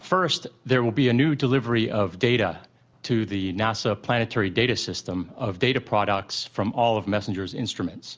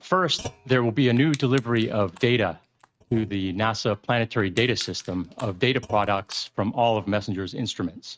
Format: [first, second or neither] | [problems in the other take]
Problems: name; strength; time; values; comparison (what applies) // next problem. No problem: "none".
first | noise reduction (neural mask model RNNoise)